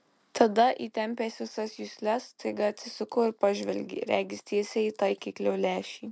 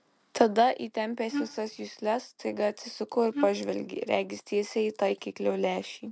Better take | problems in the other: first | background sound (Wind instrument, woodwind instrument); 6 dB below the speech

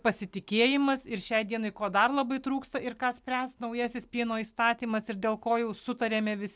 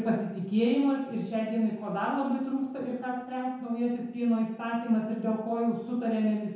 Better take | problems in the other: first | room echo; dies away in 0.9 s

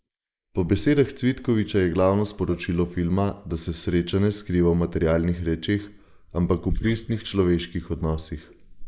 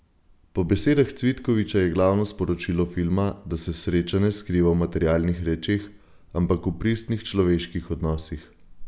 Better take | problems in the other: second | noise reduction (neural mask model Resemble Enhance denoiser)

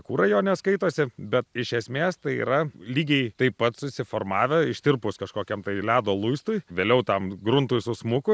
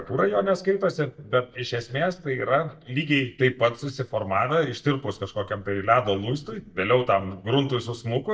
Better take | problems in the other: first | noise reduction (neural mask model DeepFilterNet 3)

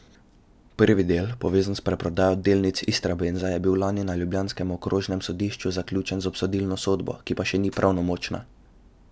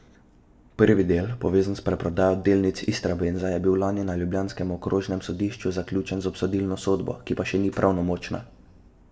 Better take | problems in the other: first | room echo; dies away in 0.5 s

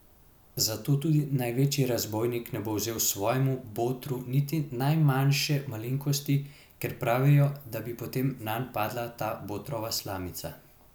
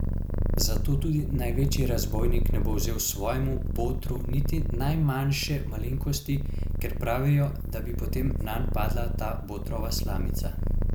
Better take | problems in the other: first | background sound (Purr); 3 dB above the speech

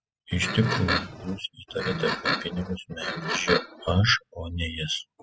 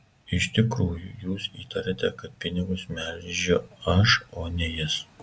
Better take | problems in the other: second | noise reduction (classical method spectral subtraction)

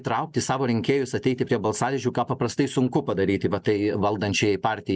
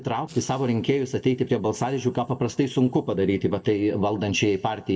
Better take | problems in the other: first | noise reduction (neural separator model SepFormer DNS4)

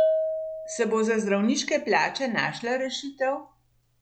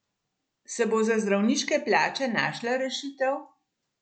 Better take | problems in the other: second | background sound (Bell / Percussion); 5 dB below the speech

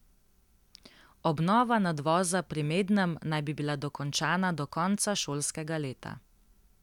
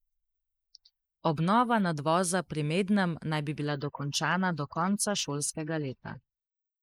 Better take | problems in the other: first | noise reduction (neural mask model Resemble Enhance denoiser)

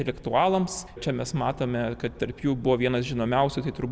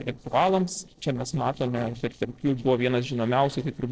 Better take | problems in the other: first | noise reduction (neural separator model SepFormer DNS4)

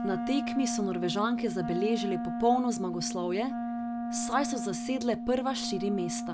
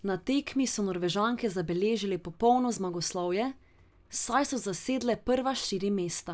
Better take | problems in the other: second | background sound (Wind instrument, woodwind instrument); 3 dB below the speech

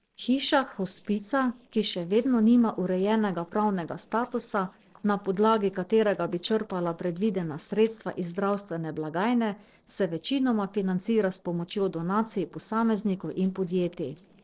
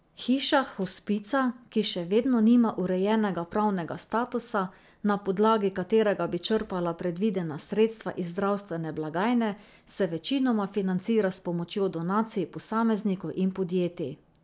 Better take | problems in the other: second | noise reduction (neural separator model SepFormer DNS4)

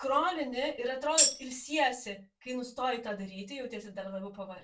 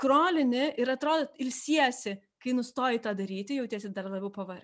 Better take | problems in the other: second | background sound (Tambourine); 5 dB above the speech // room echo; dies away in 0.2 s

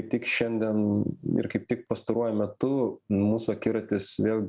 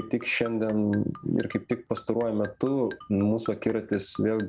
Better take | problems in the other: first | background sound (Marimba, xylophone); 20 dB below the speech

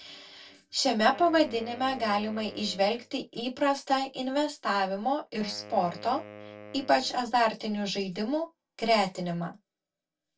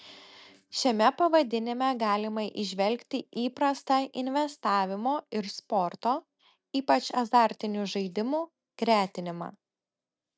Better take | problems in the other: second | background sound (Wind instrument, woodwind instrument); 19 dB below the speech // room echo; dies away in 0.1 s

